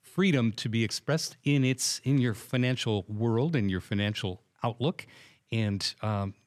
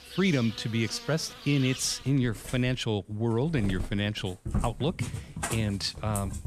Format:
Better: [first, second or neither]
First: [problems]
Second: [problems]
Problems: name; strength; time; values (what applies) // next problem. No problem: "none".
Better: first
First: none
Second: animal sounds; loud; throughout; 9 dB below the speech